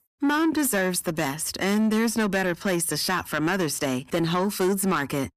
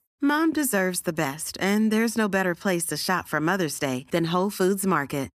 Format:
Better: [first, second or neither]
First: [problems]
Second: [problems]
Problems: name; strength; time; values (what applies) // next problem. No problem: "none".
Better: second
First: distortion; slight; 10 dB below the speech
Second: none